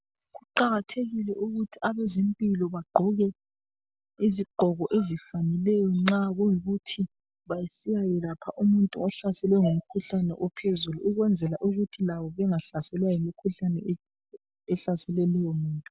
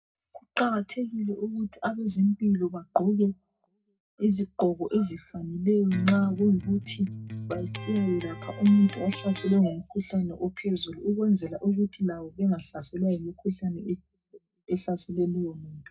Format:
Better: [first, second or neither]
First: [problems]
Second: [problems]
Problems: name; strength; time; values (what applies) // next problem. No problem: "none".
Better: first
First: none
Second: background sound (Electric guitar); 11 dB below the speech // room echo; dies away in 0.2 s